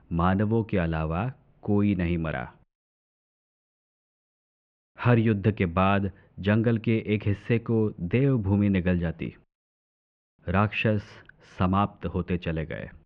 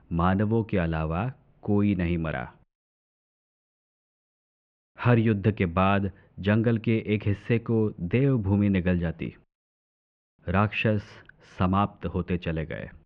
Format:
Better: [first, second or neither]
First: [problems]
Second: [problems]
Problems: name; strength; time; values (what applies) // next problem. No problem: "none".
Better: neither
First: muffled; very; fading above 2.5 kHz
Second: muffled; very; fading above 2.5 kHz